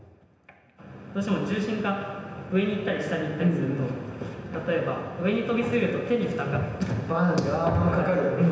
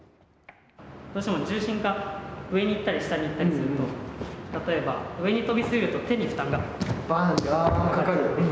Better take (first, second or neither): second